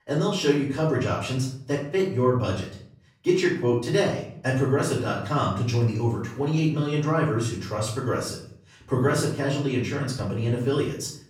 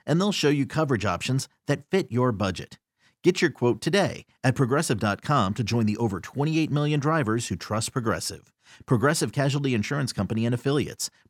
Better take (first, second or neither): second